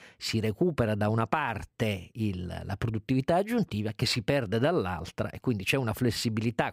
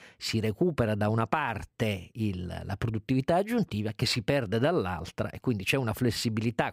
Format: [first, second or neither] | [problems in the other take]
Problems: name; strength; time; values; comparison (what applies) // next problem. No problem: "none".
neither | none